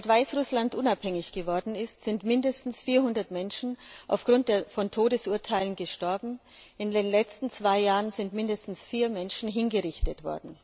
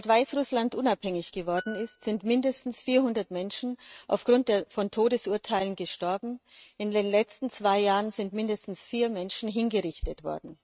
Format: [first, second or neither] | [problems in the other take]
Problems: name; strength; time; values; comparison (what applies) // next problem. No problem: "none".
first | noise reduction (neural mask model RNNoise)